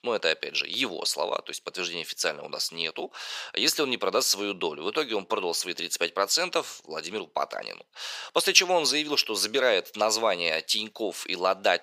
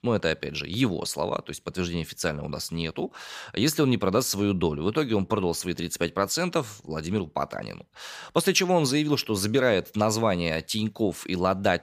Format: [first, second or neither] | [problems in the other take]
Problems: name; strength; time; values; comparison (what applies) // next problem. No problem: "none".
second | thin; somewhat; fading below 500 Hz